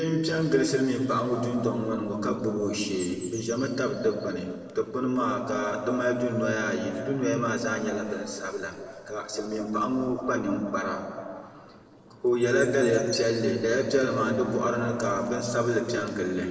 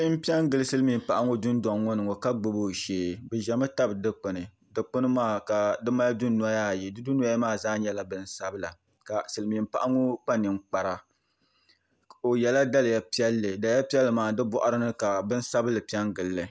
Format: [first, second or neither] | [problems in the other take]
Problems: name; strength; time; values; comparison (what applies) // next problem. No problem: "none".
second | noise reduction (neural separator model SepFormer DNS4)